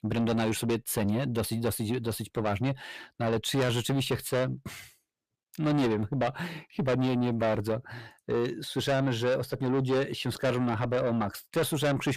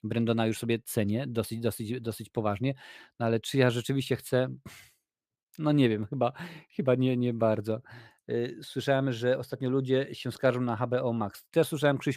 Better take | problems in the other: second | distortion; heavy; 6 dB below the speech

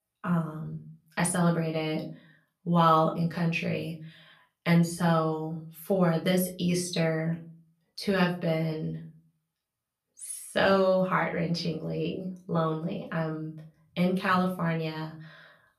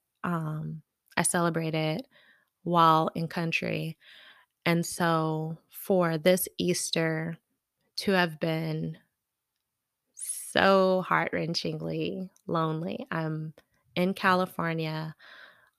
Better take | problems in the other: second | off-mic speech; far // room echo; slight; dies away in 0.3 s

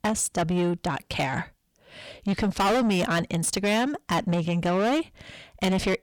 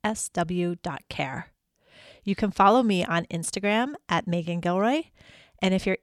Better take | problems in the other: second | distortion; heavy; 6 dB below the speech

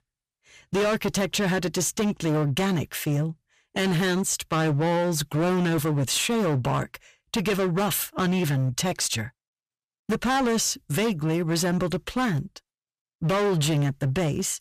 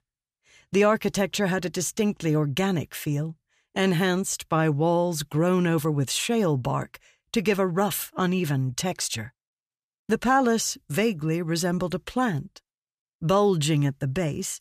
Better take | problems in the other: second | distortion; heavy; 20% of the sound clipped

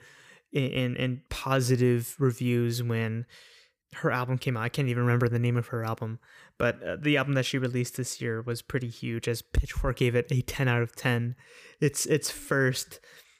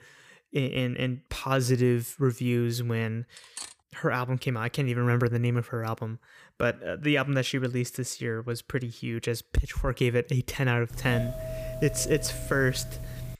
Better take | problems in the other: first | clattering dishes; faint; at 3.5 s; peak 10 dB below the speech // doorbell; noticeable; from 11 s on; peak 7 dB below the speech

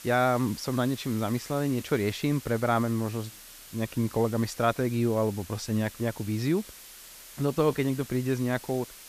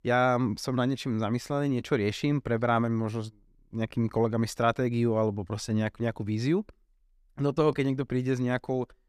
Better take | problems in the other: second | hiss; noticeable; throughout; 15 dB below the speech

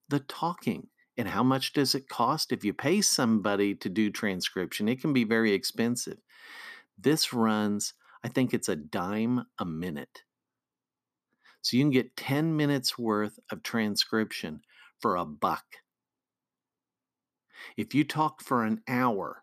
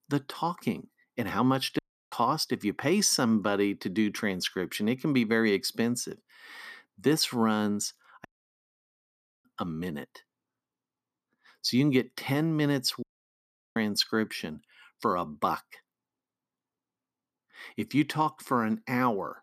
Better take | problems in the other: first | audio cutting out; at 2 s, at 8.5 s for 1 s and at 13 s for 0.5 s

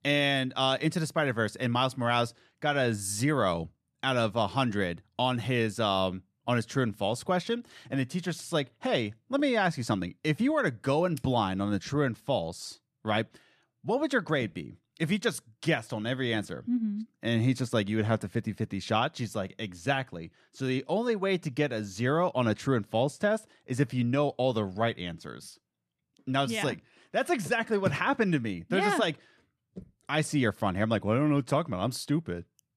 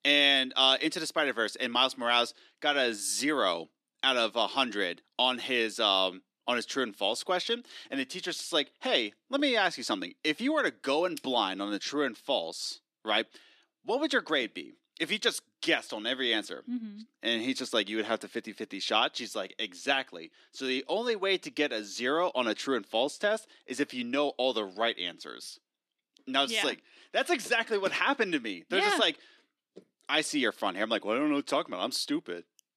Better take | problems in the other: first | thin; very slightly; fading below 300 Hz

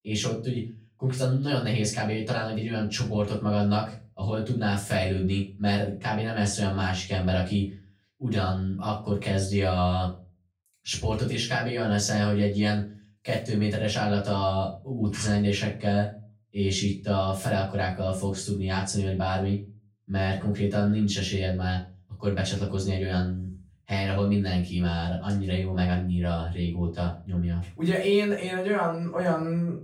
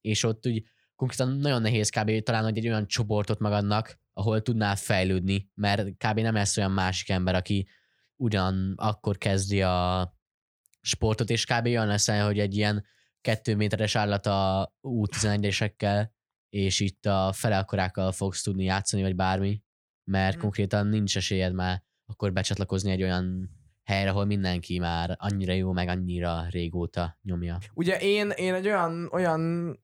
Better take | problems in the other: second | off-mic speech; far // room echo; slight; dies away in 0.3 s

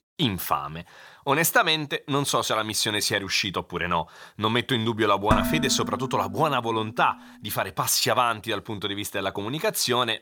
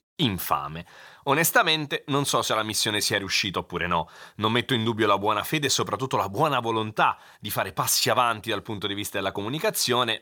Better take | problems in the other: second | clattering dishes; noticeable; at 5.5 s; peak level with the speech

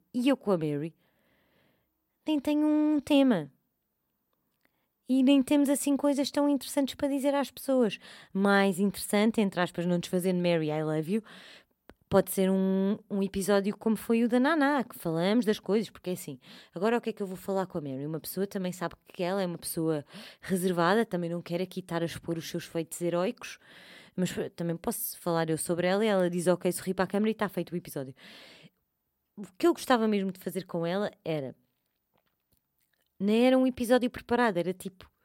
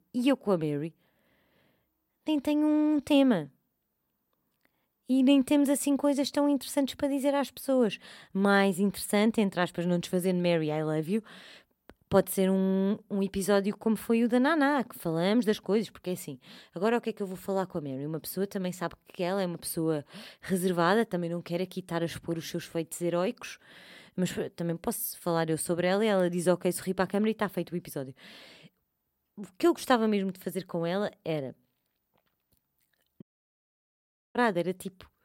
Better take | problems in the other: first | audio cutting out; at 33 s for 1 s

